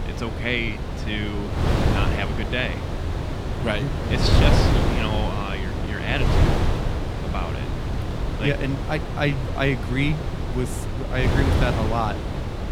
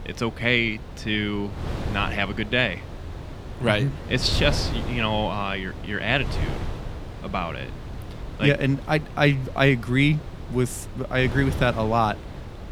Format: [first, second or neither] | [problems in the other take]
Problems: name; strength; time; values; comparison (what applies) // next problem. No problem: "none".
second | wind noise on the microphone; heavy; 2 dB below the speech; occasional gusts in the second